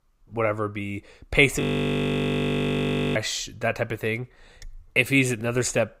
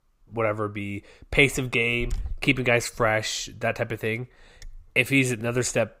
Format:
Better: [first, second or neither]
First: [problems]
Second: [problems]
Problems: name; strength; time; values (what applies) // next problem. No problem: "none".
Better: second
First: audio freezing; at 1.5 s for 1.5 s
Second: none